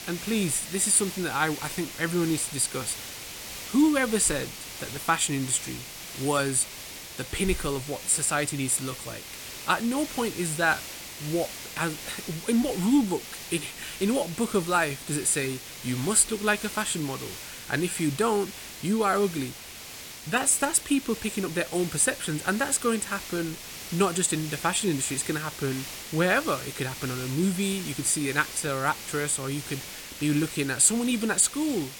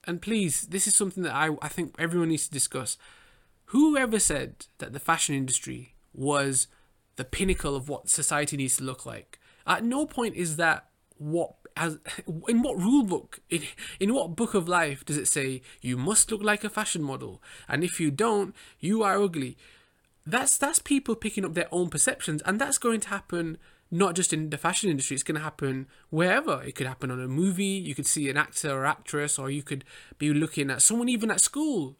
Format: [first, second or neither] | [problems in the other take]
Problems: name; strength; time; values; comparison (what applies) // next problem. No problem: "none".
second | hiss; noticeable; throughout; 10 dB below the speech